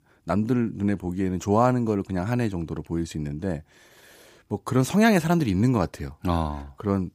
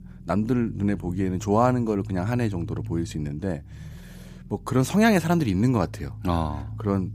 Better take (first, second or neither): first